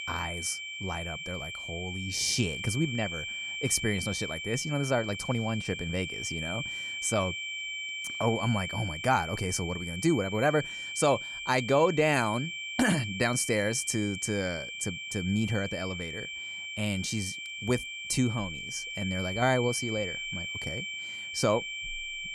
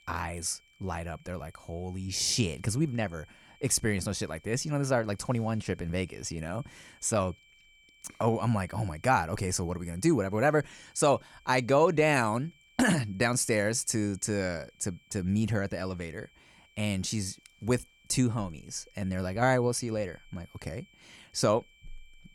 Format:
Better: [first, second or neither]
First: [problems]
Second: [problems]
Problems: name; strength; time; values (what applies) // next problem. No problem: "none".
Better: second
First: high-pitched whine; loud; throughout; 2.5 kHz, 5 dB below the speech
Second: high-pitched whine; faint; throughout; 2.5 kHz, 30 dB below the speech